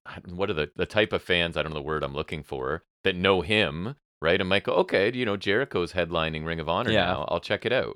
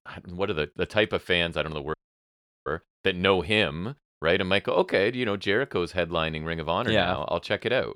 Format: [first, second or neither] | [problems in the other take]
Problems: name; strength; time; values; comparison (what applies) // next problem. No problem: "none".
first | audio cutting out; at 2 s for 0.5 s